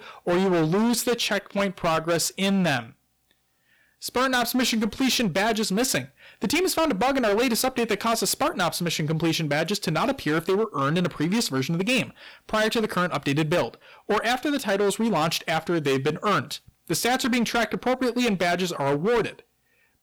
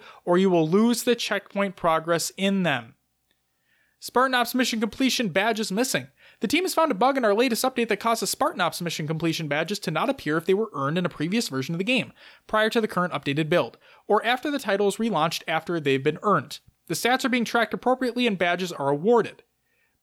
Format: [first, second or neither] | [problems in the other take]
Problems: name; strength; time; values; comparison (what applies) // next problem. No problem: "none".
second | distortion; heavy; 16% of the sound clipped